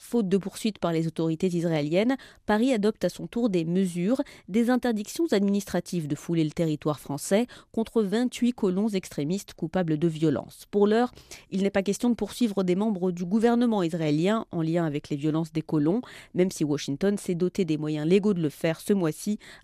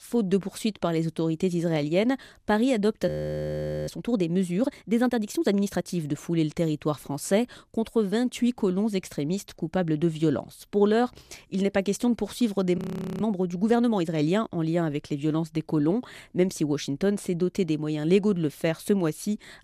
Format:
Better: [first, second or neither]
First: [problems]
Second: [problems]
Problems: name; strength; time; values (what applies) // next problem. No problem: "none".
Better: first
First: none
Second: audio freezing; at 3 s for 1 s and at 13 s